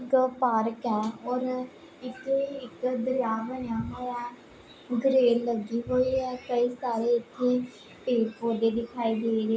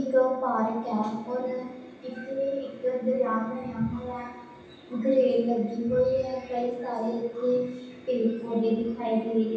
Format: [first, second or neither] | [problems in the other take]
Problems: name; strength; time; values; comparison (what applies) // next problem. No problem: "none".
first | room echo; dies away in 0.9 s